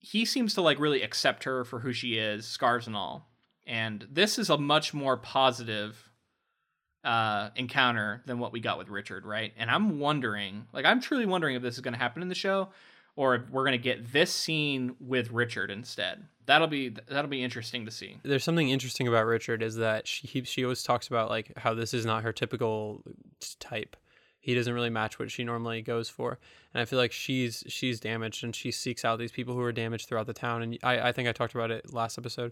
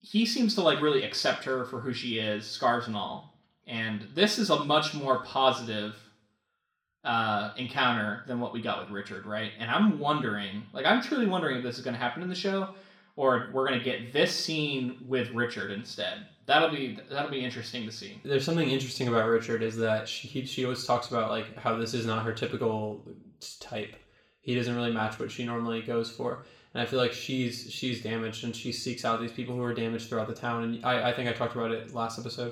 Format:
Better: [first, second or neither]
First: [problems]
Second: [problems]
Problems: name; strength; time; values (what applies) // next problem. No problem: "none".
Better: first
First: none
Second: room echo; slight; dies away in 0.4 s // off-mic speech; somewhat distant